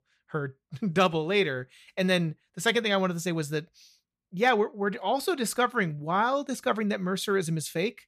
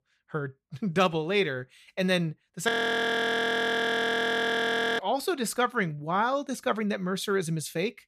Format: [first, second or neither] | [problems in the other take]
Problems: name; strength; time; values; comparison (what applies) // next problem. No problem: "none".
first | audio freezing; at 2.5 s for 2.5 s